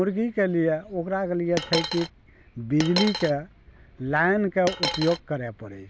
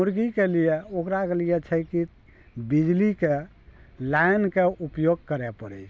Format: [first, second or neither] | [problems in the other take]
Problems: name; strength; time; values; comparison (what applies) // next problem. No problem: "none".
second | background sound (Coin (dropping)); 4 dB below the speech